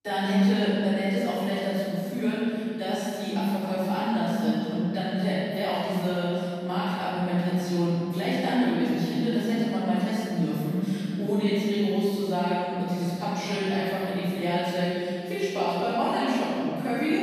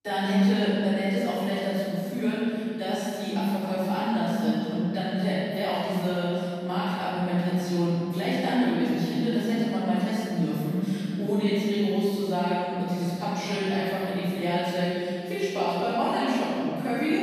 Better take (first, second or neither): neither